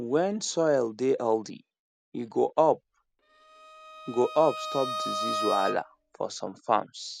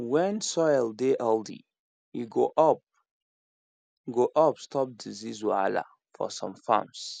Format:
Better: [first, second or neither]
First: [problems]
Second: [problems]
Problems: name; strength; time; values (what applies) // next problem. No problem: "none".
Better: second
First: background sound (Bowed string instrument); 7 dB below the speech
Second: none